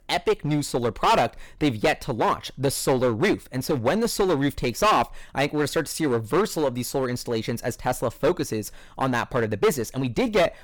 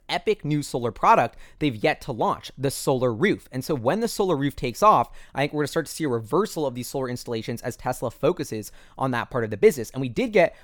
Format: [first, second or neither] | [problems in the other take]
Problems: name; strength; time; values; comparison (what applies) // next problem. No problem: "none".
second | distortion; heavy; 10% of the sound clipped